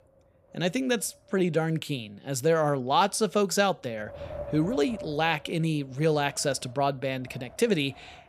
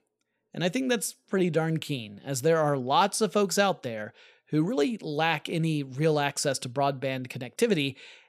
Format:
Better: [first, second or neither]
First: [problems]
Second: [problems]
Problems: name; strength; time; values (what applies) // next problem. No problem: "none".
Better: second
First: wind noise on the microphone; occasional gusts; 15 dB below the speech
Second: none